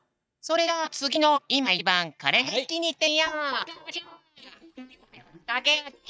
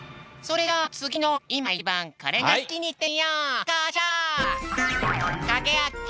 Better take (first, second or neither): second